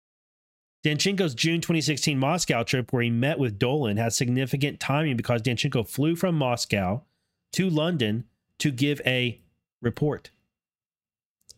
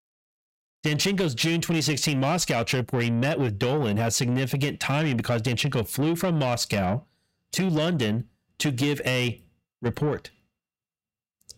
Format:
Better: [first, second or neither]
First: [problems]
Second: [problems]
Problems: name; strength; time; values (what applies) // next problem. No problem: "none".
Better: first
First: none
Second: distortion; slight; 10 dB below the speech